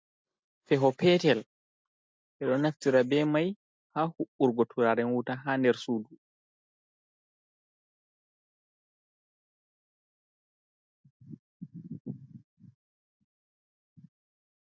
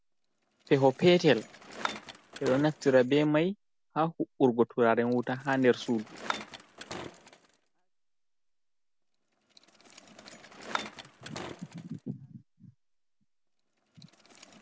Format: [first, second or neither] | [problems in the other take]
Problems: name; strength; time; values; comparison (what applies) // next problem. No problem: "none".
first | background sound (Bicycle); 15 dB below the speech